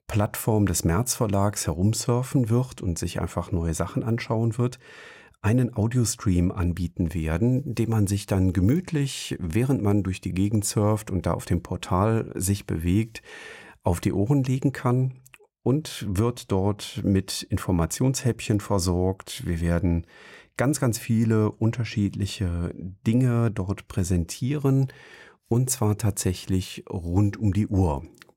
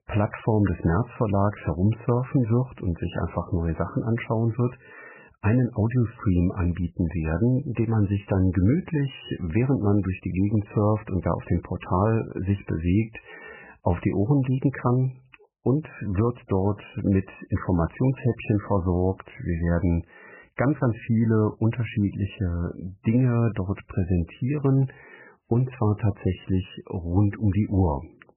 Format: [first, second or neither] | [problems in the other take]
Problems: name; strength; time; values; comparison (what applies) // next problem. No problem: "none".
first | garbled, watery; badly; nothing above 3 kHz